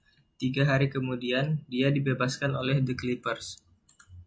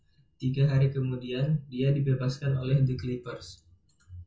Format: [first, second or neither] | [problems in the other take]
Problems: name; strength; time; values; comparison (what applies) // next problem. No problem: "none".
first | room echo; dies away in 0.2 s